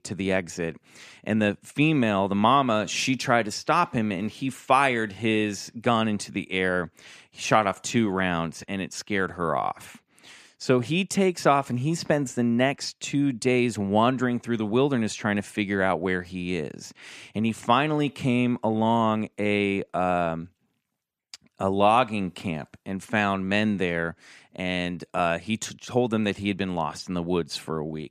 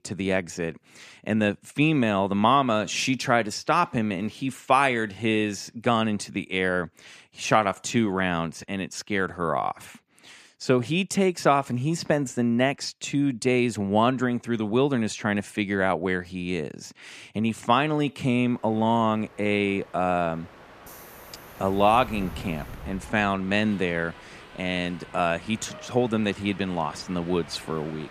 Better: first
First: none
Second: train or aircraft noise; noticeable; from 19 s on; 20 dB below the speech

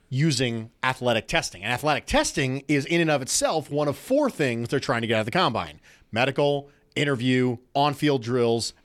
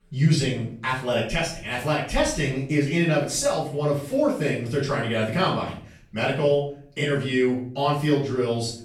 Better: first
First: none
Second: off-mic speech; far // room echo; noticeable; dies away in 0.5 s

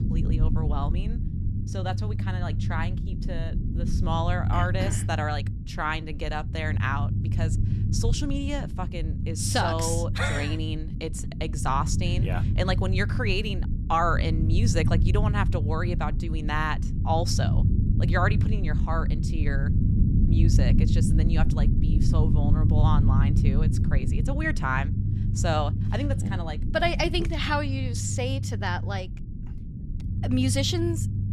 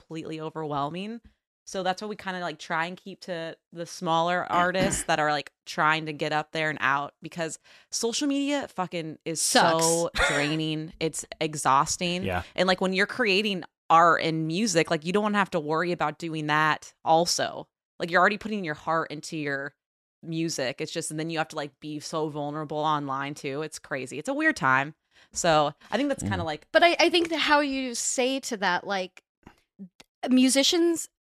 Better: second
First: low rumble; loud; throughout; 9 dB below the speech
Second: none

